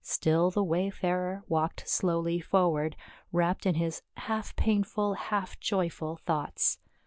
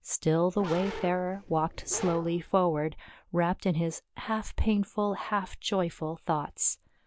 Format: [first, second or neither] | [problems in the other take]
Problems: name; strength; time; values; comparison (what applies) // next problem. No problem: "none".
first | background sound (Bark); 12 dB below the speech